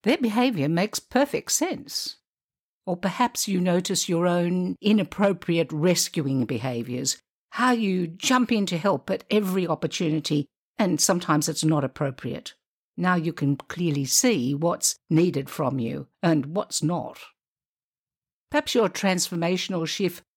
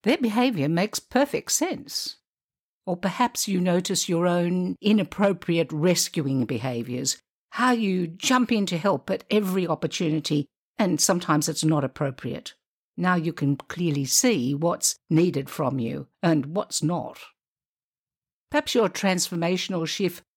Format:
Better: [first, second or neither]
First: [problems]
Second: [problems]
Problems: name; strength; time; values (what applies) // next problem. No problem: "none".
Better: neither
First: none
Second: none